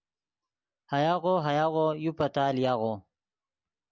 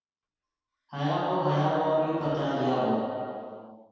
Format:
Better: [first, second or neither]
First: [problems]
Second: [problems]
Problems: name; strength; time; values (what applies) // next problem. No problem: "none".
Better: first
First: none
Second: background sound (Wind instrument, woodwind instrument); 16 dB below the speech // room echo; dies away in 2.1 s